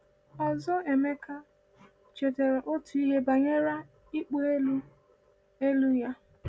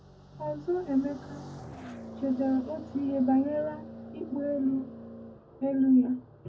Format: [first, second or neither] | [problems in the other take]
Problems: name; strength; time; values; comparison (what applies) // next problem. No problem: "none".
first | background sound (Car passing by); 15 dB below the speech // room echo; dies away in 0.3 s